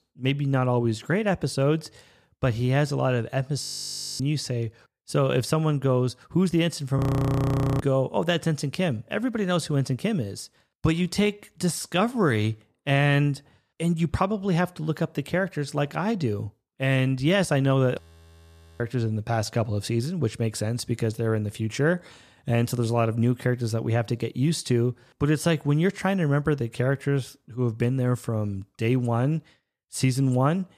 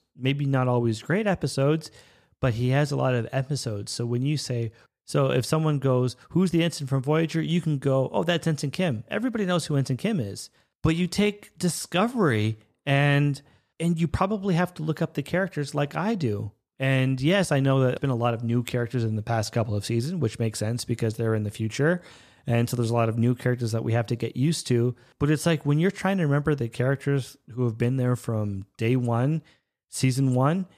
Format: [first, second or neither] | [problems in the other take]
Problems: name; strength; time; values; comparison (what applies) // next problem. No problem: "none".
second | audio freezing; at 3.5 s for 0.5 s, at 7 s for 1 s and at 18 s for 1 s